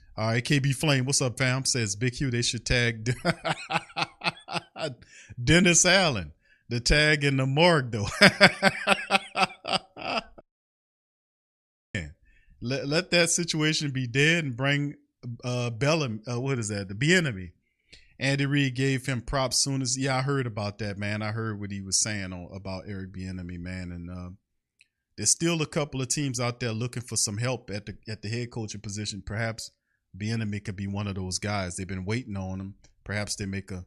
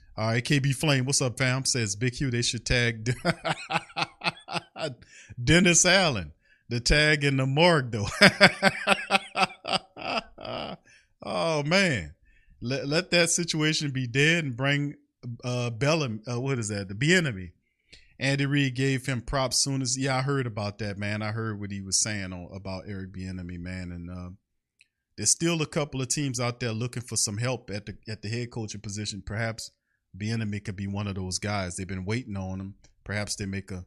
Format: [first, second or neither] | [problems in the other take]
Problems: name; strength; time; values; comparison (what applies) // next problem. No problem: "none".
second | audio cutting out; at 10 s for 1.5 s